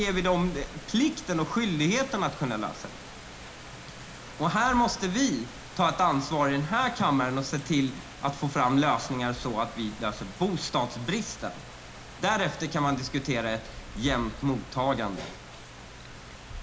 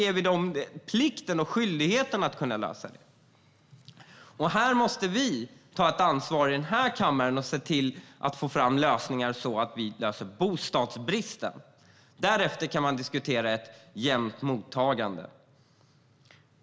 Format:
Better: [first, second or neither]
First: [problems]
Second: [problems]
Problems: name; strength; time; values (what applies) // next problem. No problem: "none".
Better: second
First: background sound (Rain); 14 dB below the speech // room echo; dies away in 0.4 s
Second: none